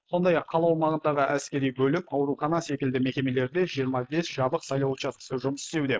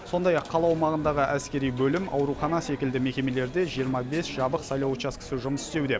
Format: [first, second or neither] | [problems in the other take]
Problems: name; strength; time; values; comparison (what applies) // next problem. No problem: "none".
second | noise reduction (neural mask model Resemble Enhance denoiser)